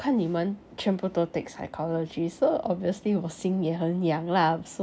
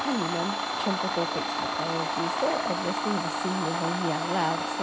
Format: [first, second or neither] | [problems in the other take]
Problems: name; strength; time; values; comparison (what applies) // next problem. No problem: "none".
first | background sound (Domestic sounds, home sounds); 1 dB above the speech